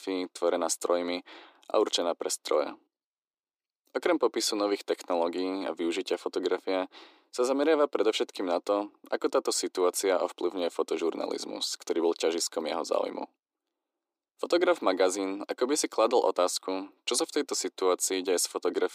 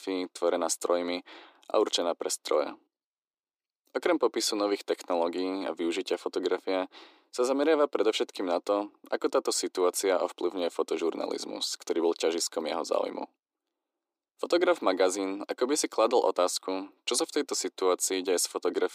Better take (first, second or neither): neither